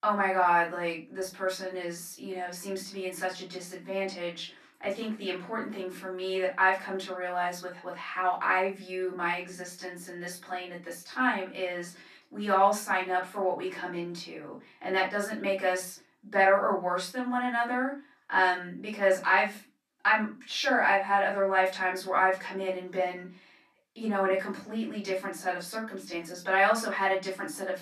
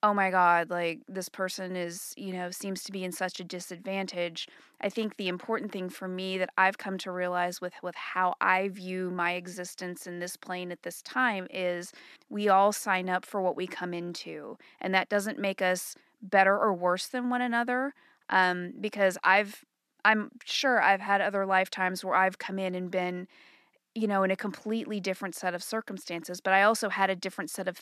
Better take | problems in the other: second | off-mic speech; far // room echo; slight; dies away in 0.2 s

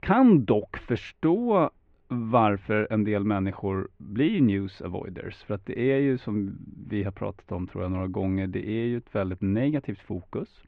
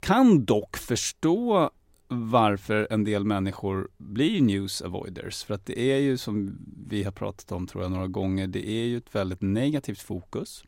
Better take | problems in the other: second | muffled; very; fading above 2.5 kHz

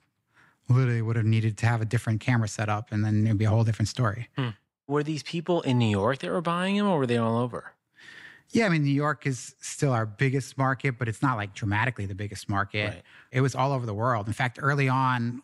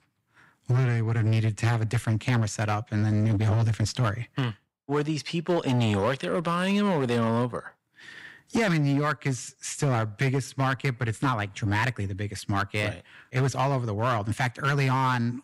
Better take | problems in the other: first | distortion; slight; 9% of the sound clipped

